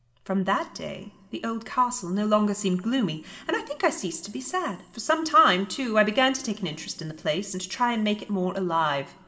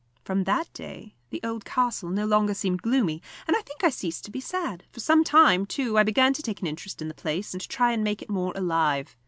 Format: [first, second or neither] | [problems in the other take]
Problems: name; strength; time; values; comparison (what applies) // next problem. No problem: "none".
second | room echo; dies away in 2.1 s